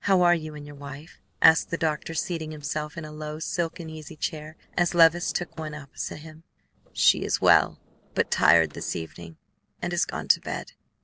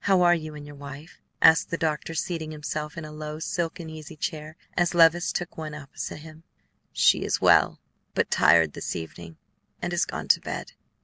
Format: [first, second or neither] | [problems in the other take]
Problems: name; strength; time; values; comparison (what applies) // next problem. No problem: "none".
second | noise reduction (neural separator model SepFormer DNS4)